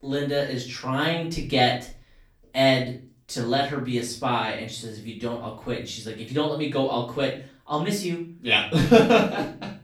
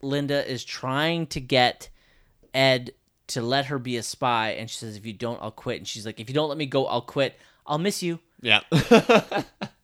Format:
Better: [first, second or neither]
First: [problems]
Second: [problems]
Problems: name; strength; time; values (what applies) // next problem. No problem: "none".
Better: second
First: off-mic speech; far // room echo; slight; dies away in 0.4 s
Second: none